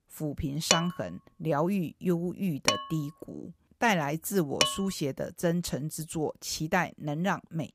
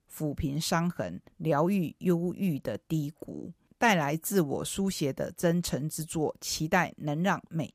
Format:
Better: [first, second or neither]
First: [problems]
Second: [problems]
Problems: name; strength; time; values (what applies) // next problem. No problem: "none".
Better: second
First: clattering dishes; loud; from 0.5 to 4.5 s; peak 4 dB above the speech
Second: none